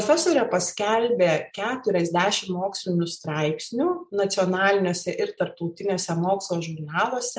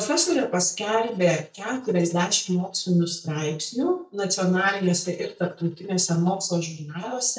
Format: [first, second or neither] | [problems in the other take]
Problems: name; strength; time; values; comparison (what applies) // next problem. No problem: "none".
first | noise reduction (neural mask model DeepFilterNet 3)